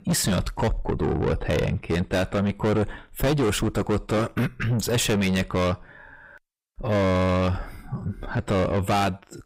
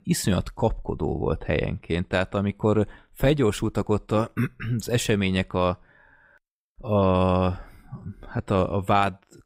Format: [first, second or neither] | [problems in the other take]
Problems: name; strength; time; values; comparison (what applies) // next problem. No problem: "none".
second | distortion; heavy; 6 dB below the speech